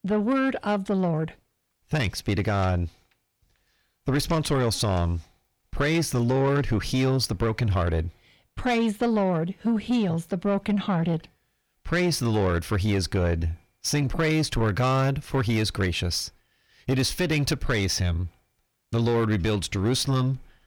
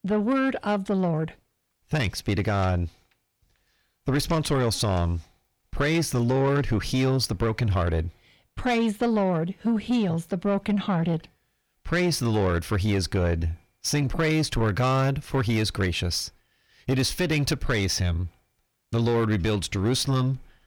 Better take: neither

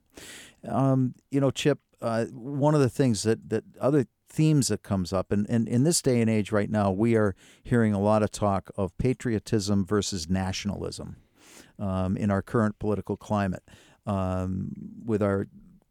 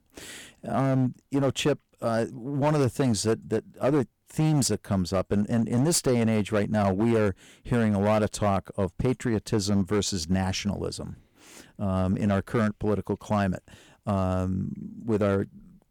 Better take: first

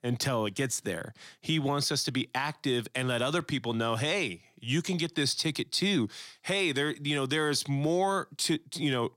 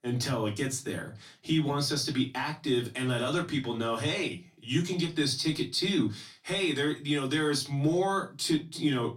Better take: first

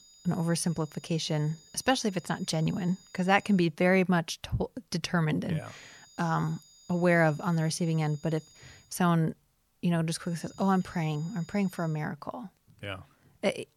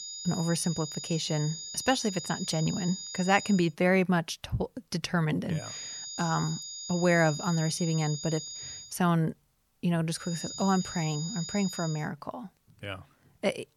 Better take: first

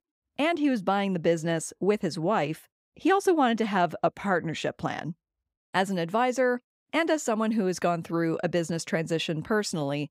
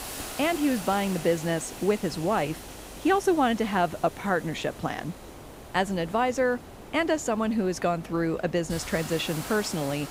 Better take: first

